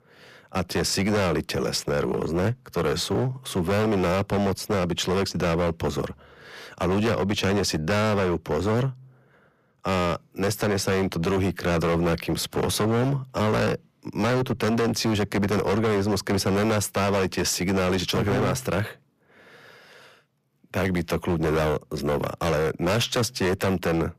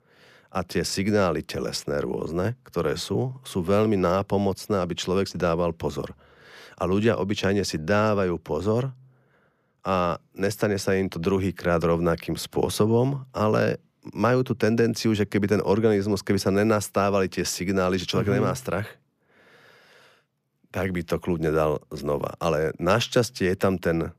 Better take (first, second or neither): second